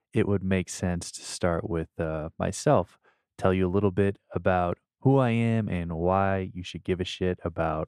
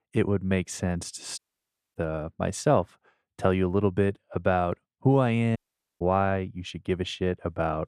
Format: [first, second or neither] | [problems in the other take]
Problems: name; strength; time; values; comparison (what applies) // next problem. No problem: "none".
first | audio cutting out; at 1.5 s for 0.5 s and at 5.5 s